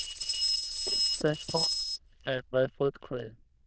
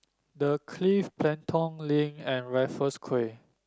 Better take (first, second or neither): second